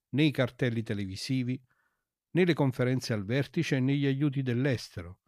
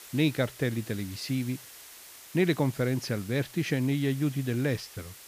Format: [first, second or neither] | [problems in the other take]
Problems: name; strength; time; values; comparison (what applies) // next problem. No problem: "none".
first | hiss; noticeable; throughout; 15 dB below the speech